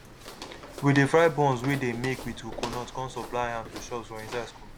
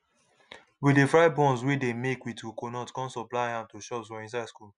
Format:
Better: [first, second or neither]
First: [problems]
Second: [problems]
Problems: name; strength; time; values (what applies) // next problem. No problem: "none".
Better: second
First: background sound (Walk, footsteps); 13 dB below the speech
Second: none